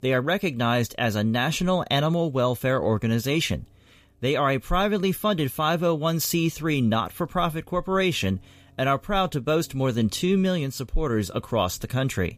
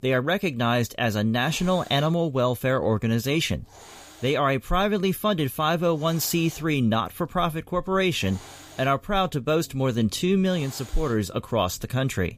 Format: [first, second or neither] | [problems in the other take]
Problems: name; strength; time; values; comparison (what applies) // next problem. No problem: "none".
first | hiss; faint; throughout; 20 dB below the speech